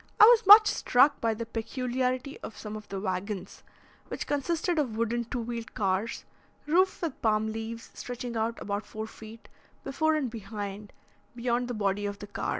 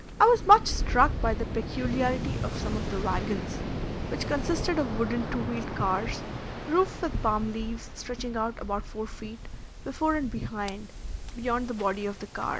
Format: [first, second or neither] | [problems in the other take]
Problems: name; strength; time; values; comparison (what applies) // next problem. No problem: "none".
first | background sound (Waves, surf); 4 dB below the speech